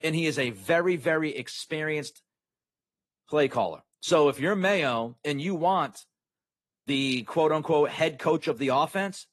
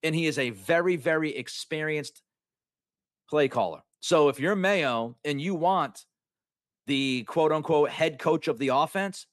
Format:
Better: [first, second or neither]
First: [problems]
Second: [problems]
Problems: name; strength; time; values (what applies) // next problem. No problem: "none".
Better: second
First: garbled, watery; slightly; nothing above 12 kHz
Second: none